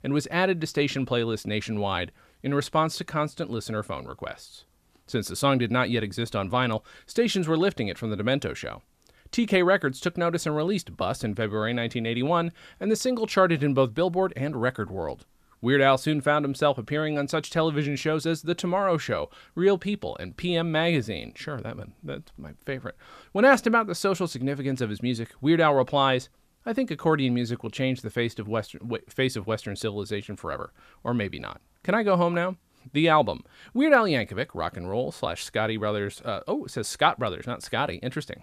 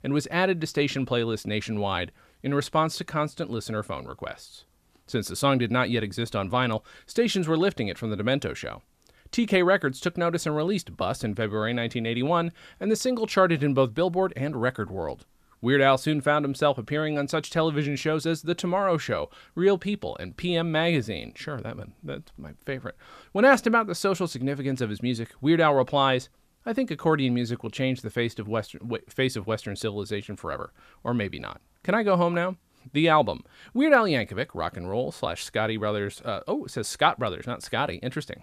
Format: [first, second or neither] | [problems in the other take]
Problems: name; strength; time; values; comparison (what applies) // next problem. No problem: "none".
neither | none